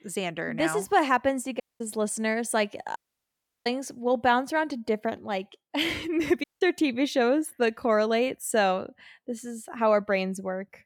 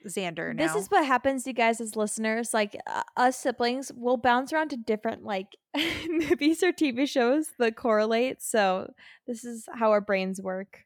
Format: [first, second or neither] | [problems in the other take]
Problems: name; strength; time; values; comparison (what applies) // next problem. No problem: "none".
second | audio cutting out; at 1.5 s, at 3 s for 0.5 s and at 6.5 s